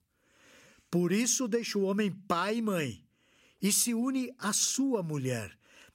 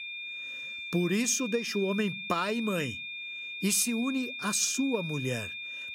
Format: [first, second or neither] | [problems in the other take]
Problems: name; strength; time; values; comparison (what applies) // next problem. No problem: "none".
first | high-pitched whine; loud; throughout; 2.5 kHz, 7 dB below the speech